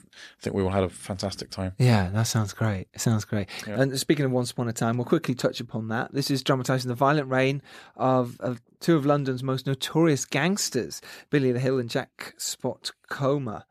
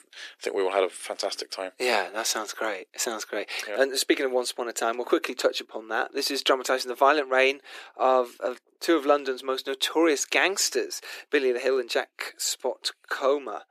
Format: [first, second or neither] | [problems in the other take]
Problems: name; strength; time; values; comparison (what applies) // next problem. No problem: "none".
first | thin; very; fading below 350 Hz